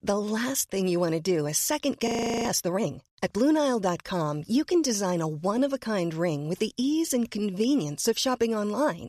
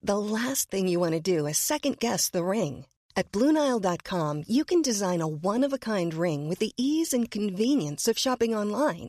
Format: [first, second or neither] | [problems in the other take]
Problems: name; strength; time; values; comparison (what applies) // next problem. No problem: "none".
second | audio freezing; at 2 s